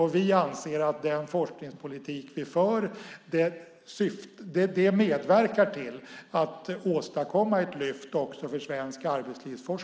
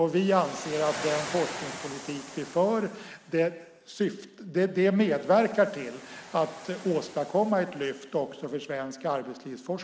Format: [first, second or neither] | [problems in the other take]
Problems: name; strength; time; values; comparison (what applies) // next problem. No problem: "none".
first | background sound (Waves, surf); 15 dB below the speech